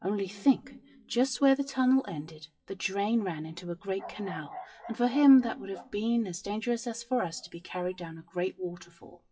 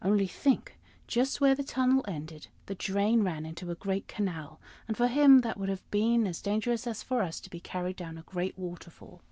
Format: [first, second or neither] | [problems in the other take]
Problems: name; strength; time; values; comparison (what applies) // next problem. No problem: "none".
second | noise reduction (classical method WPE with log-MMSE)